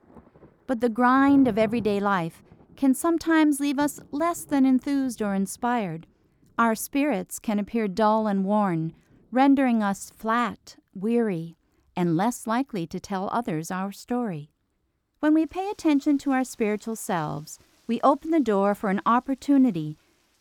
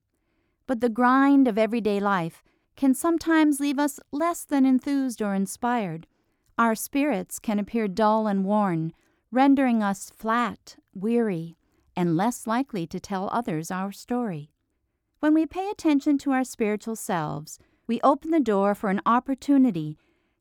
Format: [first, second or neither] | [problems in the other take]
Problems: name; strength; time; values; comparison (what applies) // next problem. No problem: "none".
second | rain or running water; faint; throughout; 25 dB below the speech